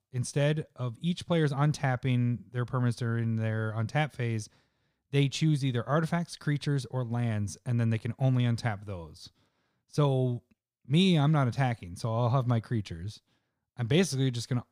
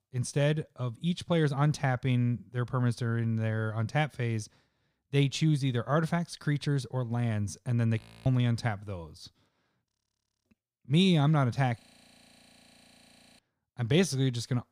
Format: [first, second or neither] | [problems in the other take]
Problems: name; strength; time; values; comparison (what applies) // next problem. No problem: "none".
first | audio freezing; at 8 s, at 10 s for 0.5 s and at 12 s for 1.5 s